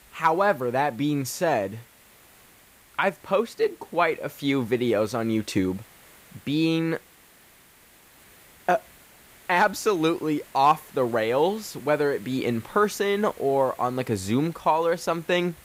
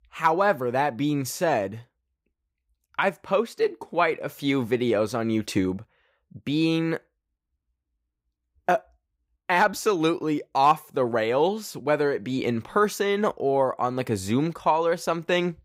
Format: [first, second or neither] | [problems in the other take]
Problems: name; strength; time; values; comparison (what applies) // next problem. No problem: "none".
second | hiss; faint; throughout; 25 dB below the speech